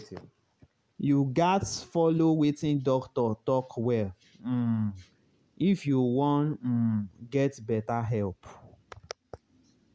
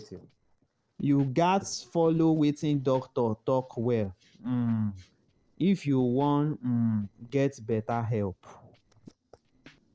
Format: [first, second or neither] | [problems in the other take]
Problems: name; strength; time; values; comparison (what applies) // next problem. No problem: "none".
first | noise reduction (neural separator model SepFormer DNS4)